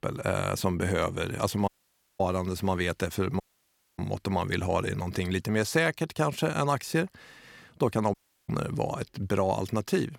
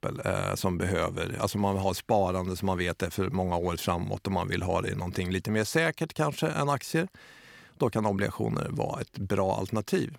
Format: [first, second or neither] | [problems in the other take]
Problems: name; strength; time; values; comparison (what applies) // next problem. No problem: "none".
second | audio cutting out; at 1.5 s for 0.5 s, at 3.5 s for 0.5 s and at 8 s